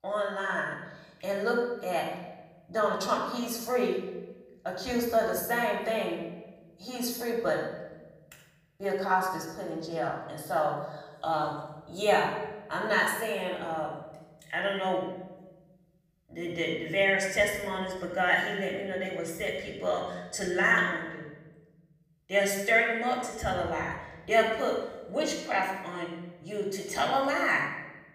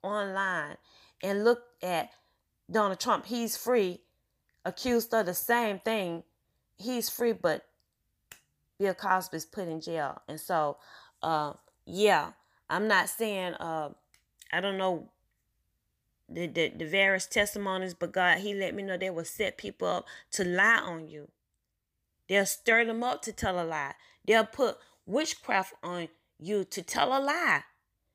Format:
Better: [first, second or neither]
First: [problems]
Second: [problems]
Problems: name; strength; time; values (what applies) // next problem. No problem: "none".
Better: second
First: off-mic speech; far // room echo; noticeable; dies away in 1.1 s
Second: none